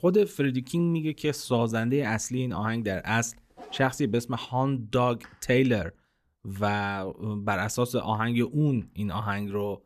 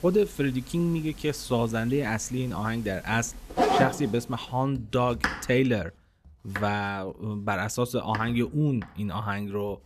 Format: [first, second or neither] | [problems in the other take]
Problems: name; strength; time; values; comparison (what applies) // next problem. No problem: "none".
first | household noises; loud; throughout; 2 dB below the speech; faint in the first